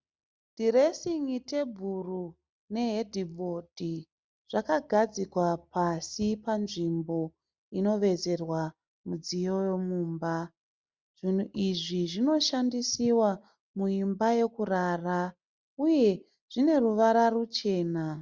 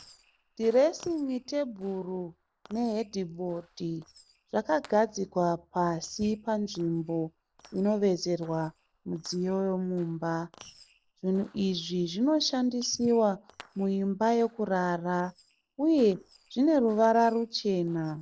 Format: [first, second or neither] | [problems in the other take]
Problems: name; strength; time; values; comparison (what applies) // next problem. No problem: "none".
first | noise reduction (neural separator model SepFormer DNS4)